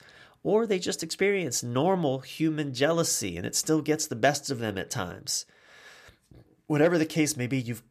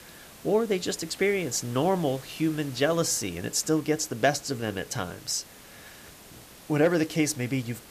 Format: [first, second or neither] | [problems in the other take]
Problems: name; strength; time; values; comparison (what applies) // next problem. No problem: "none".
first | hiss; noticeable; throughout; 20 dB below the speech